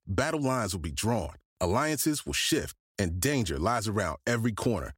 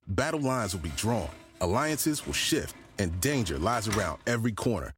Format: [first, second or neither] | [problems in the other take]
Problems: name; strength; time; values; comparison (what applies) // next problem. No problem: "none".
first | door banging; noticeable; from 0.5 to 4 s; peak 6 dB below the speech